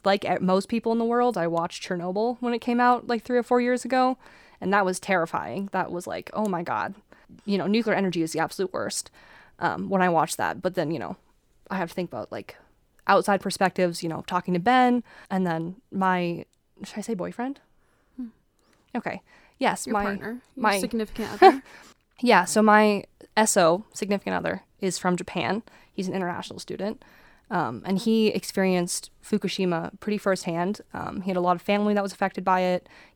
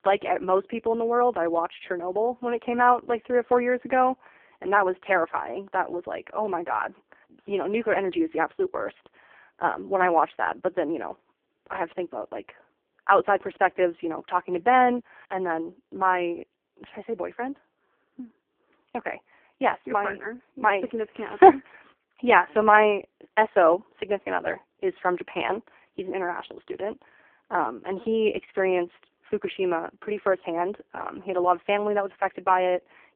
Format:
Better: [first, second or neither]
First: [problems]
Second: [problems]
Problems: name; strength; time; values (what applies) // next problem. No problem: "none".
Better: first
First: none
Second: phone-call audio; poor line